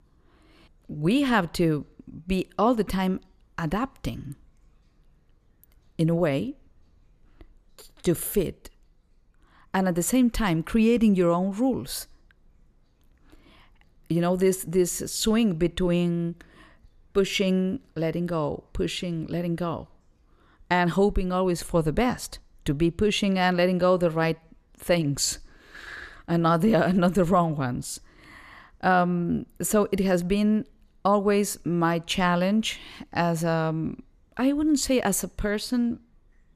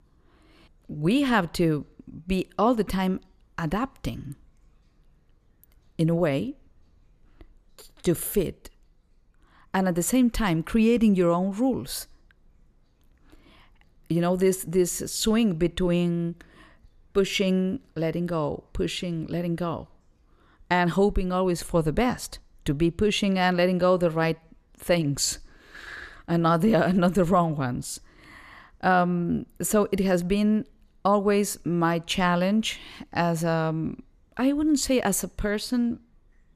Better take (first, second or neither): neither